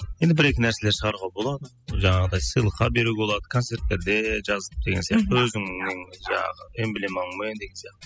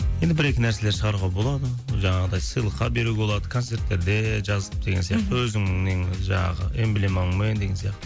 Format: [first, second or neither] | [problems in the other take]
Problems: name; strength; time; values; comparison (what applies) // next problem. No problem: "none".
second | noise reduction (classical method spectral subtraction)